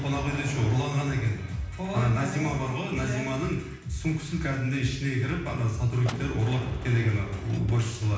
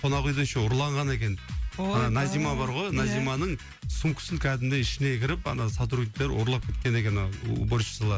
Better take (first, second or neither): second